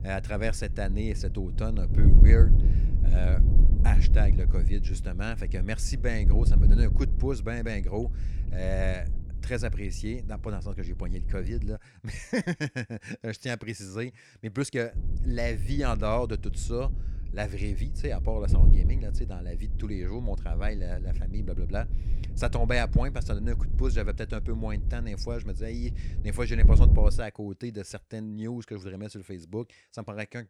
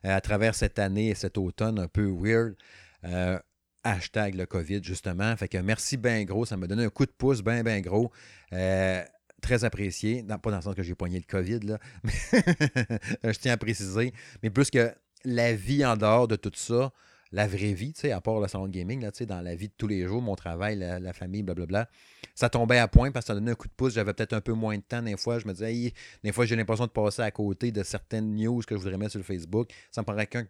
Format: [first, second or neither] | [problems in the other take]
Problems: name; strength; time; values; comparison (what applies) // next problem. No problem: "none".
second | wind noise on the microphone; heavy; until 12 s and from 15 to 27 s; 9 dB below the speech